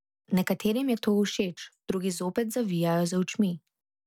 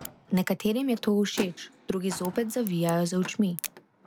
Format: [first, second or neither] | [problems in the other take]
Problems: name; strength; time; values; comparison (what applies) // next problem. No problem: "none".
first | background sound (Car + Crack); 15 dB below the speech